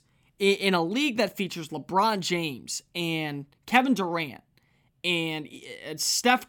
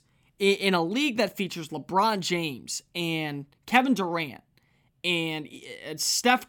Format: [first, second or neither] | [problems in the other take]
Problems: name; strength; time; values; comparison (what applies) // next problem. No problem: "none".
neither | none